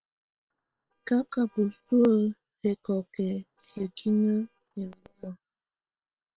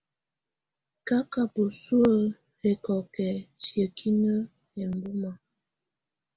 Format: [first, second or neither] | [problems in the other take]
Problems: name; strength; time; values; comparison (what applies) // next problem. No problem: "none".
second | noise reduction (neural separator model SepFormer WHAM!)